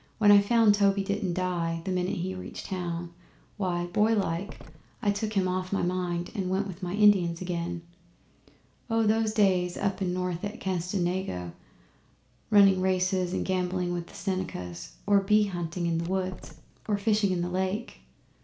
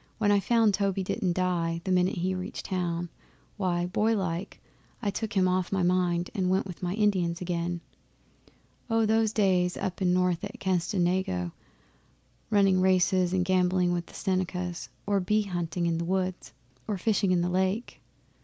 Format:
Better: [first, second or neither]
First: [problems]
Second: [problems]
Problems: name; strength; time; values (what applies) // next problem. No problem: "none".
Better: second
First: background sound (Door); 17 dB below the speech // room echo; dies away in 0.4 s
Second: none